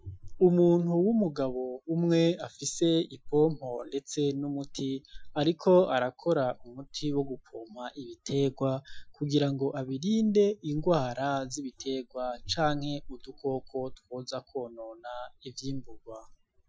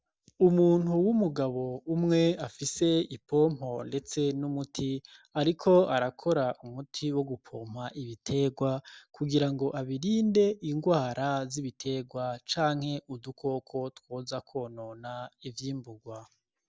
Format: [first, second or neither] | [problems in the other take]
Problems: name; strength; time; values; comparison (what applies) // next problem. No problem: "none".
second | noise reduction (classical method Wiener filter)